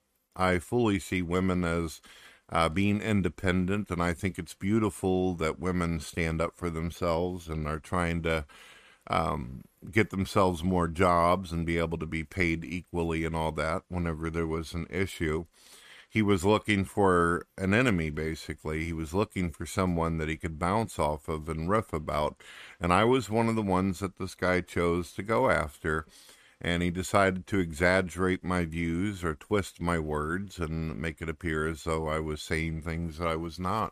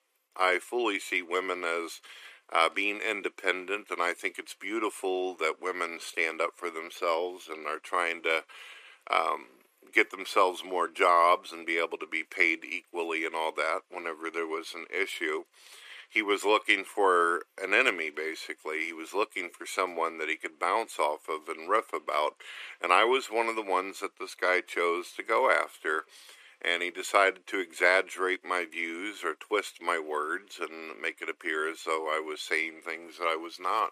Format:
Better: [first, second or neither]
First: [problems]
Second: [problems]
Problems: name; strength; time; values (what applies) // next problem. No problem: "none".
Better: first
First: none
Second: thin; very; fading below 350 Hz